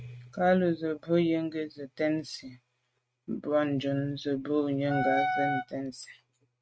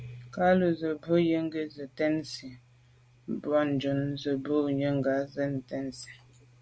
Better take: second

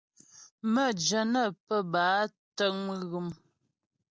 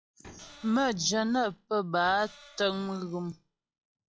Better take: first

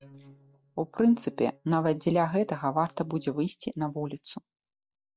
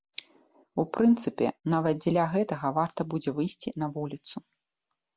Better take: second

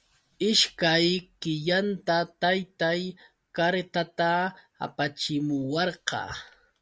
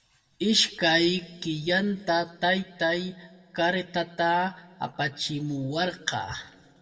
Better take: first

